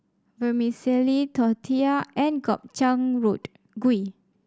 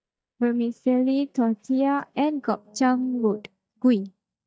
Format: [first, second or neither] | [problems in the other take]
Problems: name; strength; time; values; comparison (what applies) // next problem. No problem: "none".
first | noise reduction (neural mask model DeepFilterNet 3)